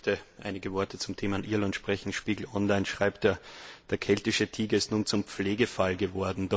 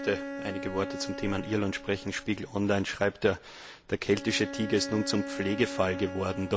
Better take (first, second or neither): first